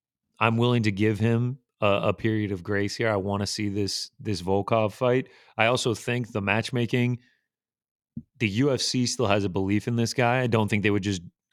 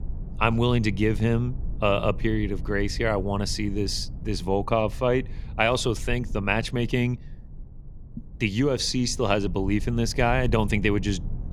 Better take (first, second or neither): first